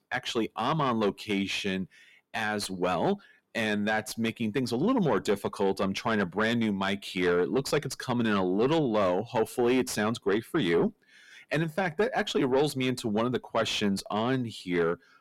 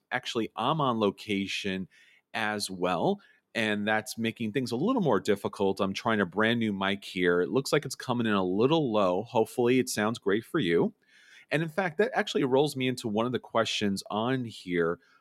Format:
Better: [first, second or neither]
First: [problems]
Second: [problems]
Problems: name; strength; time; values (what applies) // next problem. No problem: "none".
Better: second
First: distortion; slight; 10 dB below the speech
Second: none